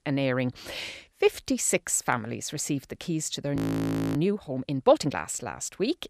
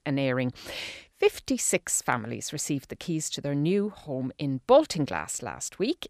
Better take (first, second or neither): second